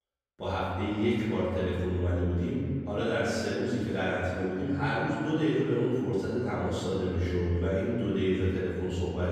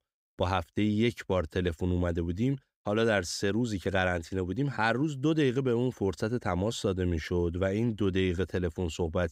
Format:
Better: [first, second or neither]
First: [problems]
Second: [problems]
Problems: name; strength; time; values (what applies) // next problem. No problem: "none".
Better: second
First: off-mic speech; far // room echo; strong; dies away in 2.1 s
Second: none